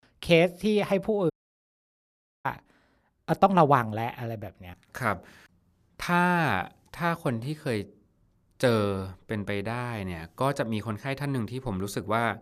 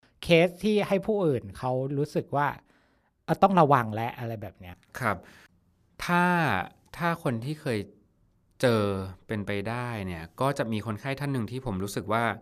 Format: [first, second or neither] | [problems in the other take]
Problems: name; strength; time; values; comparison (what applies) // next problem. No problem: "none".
second | audio cutting out; at 1.5 s for 1 s